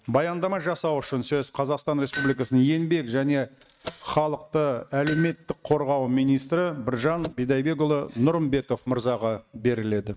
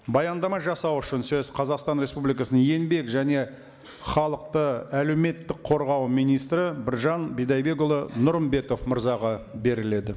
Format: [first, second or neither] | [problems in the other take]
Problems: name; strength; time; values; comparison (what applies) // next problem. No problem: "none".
second | noise reduction (neural mask model RNNoise)